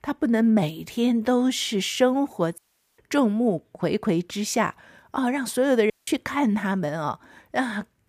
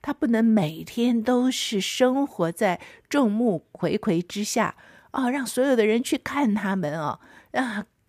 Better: second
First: audio cutting out; at 2.5 s and at 6 s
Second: none

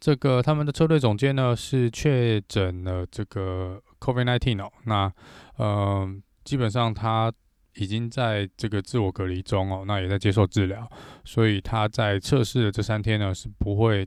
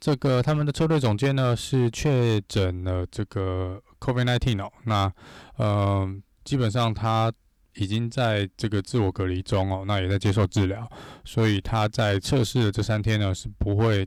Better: first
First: none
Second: distortion; slight; 6% of the sound clipped

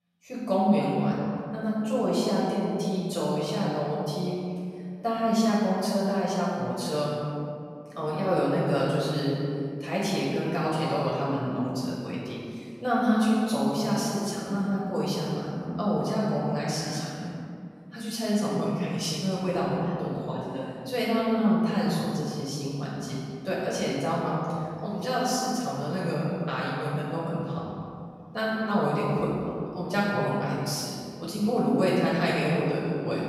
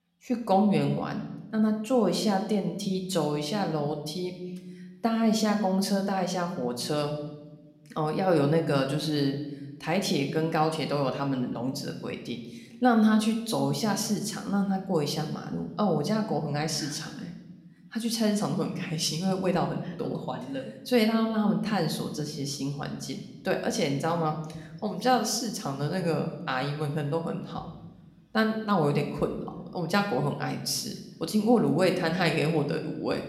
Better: second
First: room echo; strong; dies away in 2 s // off-mic speech; far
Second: room echo; slight; dies away in 0.8 s

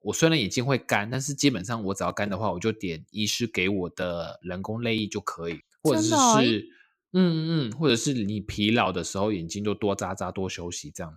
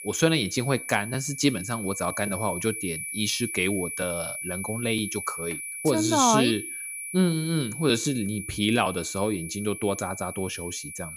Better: first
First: none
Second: high-pitched whine; loud; throughout; 2.5 kHz, 7 dB below the speech

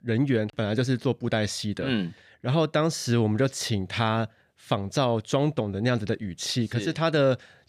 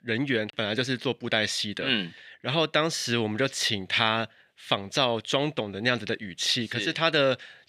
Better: first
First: none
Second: thin; very slightly; fading below 500 Hz

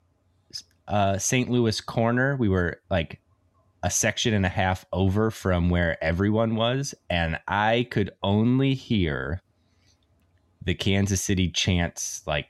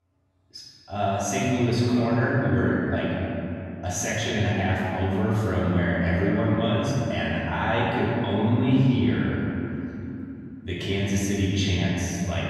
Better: first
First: none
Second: off-mic speech; far // room echo; strong; dies away in 3 s

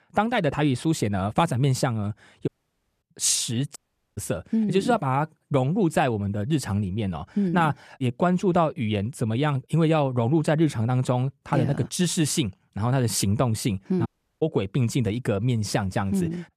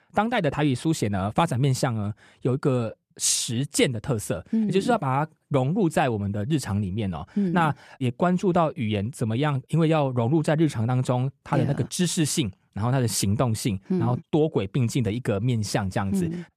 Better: second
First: audio cutting out; at 2.5 s for 0.5 s, at 4 s and at 14 s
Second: none

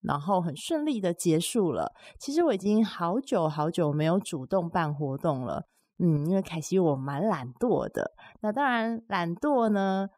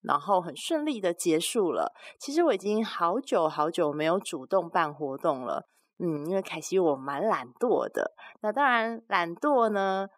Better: first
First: none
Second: thin; somewhat; fading below 350 Hz

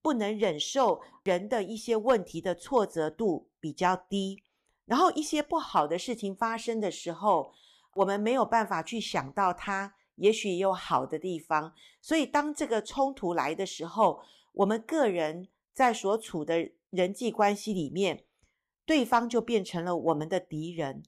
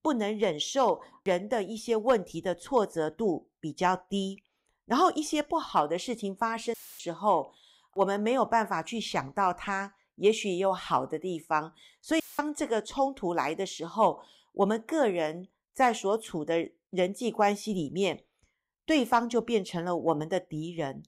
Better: first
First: none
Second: audio cutting out; filled with static; at 6.5 s and at 12 s

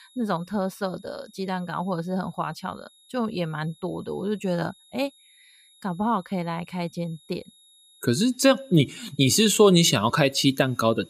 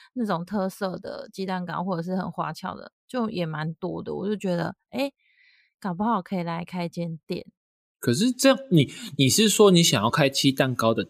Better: second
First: high-pitched whine; faint; throughout; 4 kHz, 30 dB below the speech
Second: none

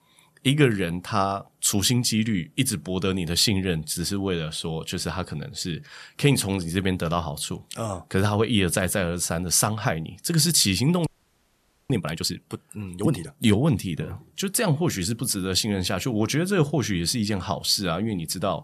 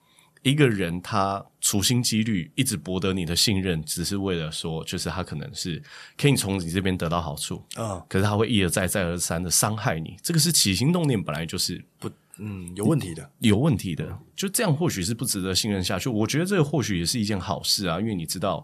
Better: second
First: audio freezing; at 11 s for 1 s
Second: none

